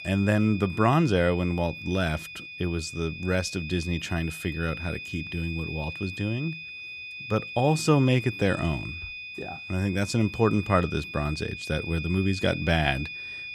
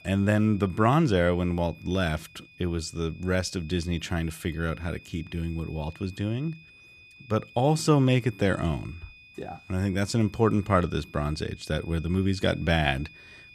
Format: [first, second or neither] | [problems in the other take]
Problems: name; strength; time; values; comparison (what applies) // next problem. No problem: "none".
second | high-pitched whine; loud; throughout; 2.5 kHz, 10 dB below the speech; faint in the second